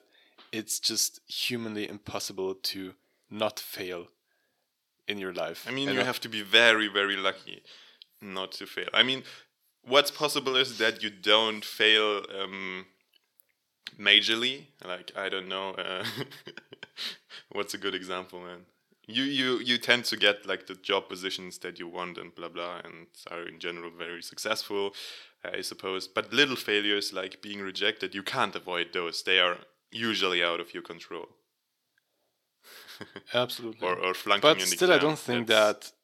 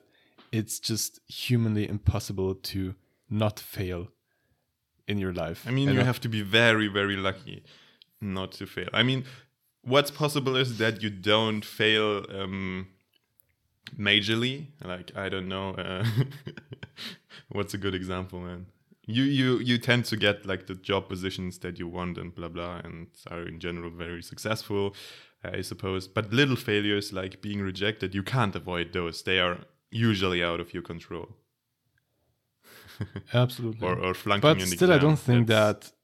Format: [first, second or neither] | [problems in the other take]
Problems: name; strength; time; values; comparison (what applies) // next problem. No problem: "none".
second | thin; somewhat; fading below 350 Hz